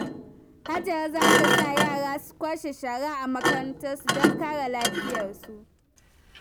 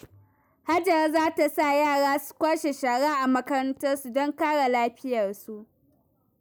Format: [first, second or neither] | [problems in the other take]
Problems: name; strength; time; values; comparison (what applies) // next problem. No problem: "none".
second | background sound (Thump, thud); 3 dB above the speech